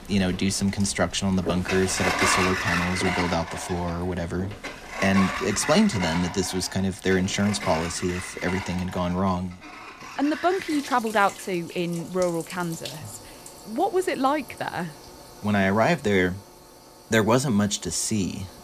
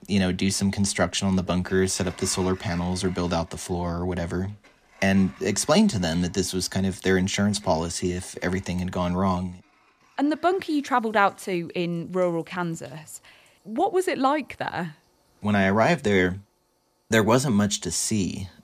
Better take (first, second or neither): second